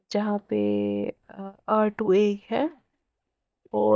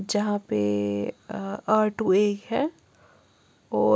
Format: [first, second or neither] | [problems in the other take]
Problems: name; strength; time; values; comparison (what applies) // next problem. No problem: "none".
second | noise reduction (neural mask model DeepFilterNet 3)